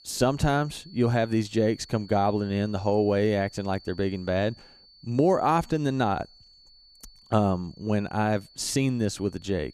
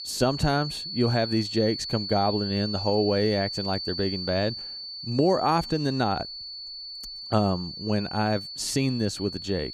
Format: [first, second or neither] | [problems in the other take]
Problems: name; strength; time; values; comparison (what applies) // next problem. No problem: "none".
first | high-pitched whine; loud; throughout; 4.5 kHz, 7 dB below the speech; faint in the first